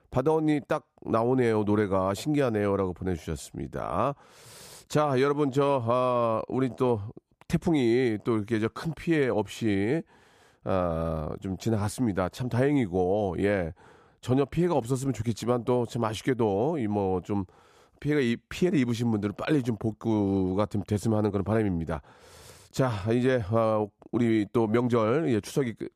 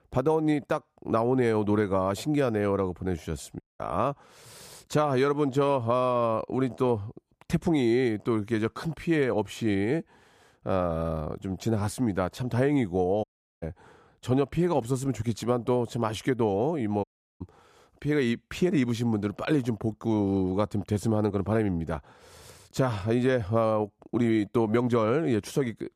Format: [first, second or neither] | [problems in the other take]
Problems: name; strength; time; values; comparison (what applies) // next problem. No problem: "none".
first | audio cutting out; at 3.5 s, at 13 s and at 17 s